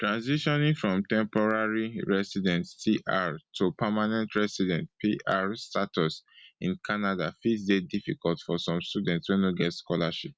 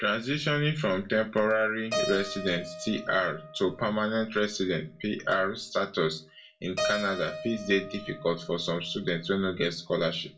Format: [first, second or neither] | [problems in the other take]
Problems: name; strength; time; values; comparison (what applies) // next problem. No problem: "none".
first | background sound (Keyboard (musical)); 11 dB below the speech // room echo; dies away in 0.2 s